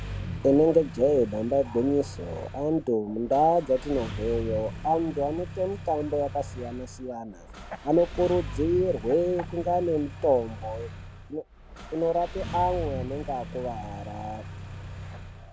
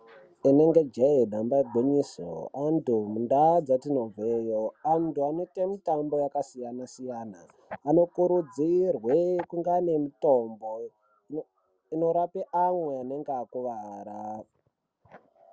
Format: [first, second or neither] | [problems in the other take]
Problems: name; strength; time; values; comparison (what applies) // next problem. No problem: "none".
second | background sound (Engine starting); 11 dB below the speech